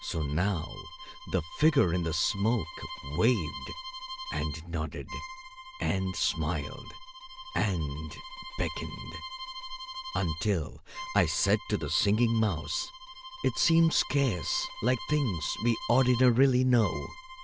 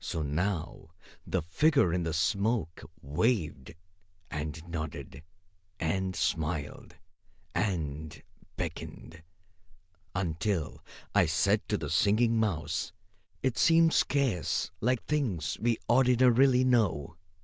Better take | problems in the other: second | background sound (Bowed string instrument); 13 dB below the speech

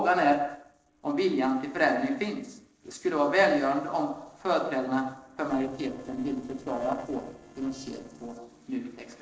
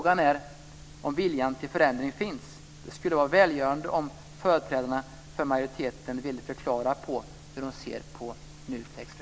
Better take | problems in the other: second | noise reduction (neural separator model SepFormer DNS4)

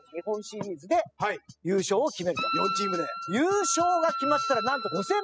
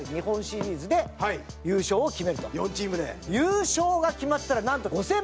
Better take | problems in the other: second | noise reduction (classical method spectral subtraction)

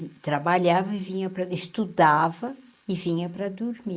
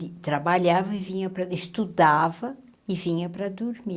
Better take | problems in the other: second | noise reduction (neural mask model Resemble Enhance denoiser)

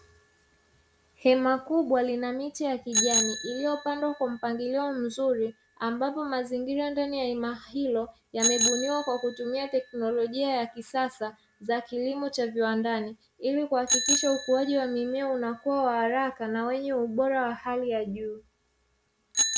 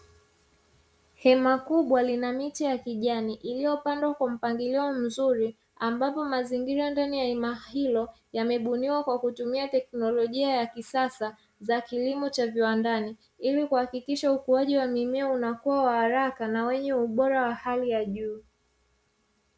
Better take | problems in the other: second | background sound (Bicycle bell); 6 dB below the speech

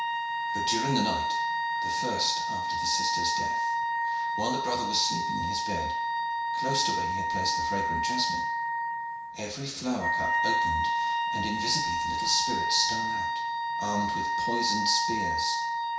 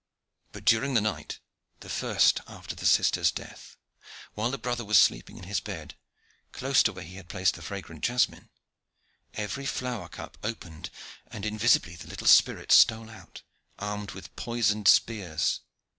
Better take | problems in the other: second | background sound (Wind instrument, woodwind instrument); 4 dB above the speech // room echo; dies away in 0.6 s

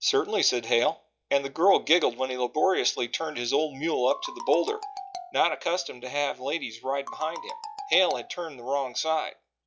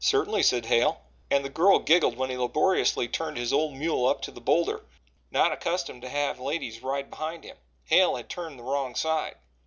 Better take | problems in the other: second | noise reduction (classical method log-MMSE)

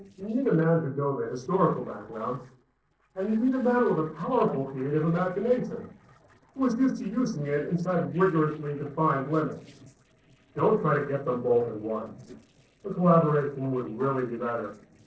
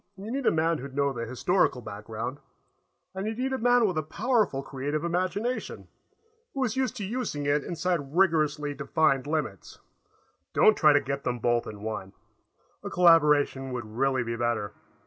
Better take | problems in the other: second | noise reduction (neural separator model SepFormer DNS4)

